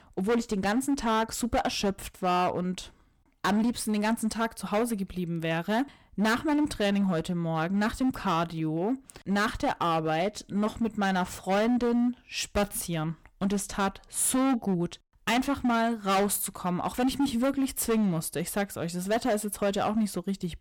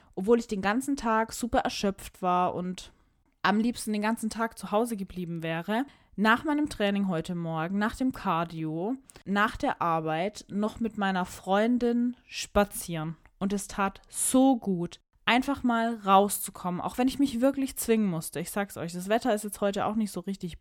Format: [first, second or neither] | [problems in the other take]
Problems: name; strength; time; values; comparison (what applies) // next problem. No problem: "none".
second | distortion; heavy; 12% of the sound clipped